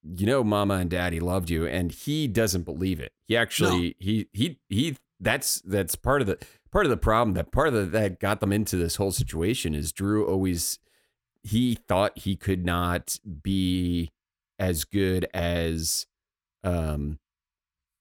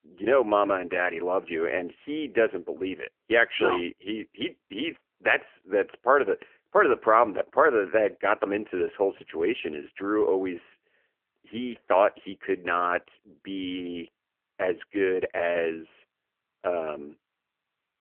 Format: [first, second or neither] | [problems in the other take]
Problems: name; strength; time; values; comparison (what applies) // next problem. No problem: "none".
first | phone-call audio; poor line; nothing above 3 kHz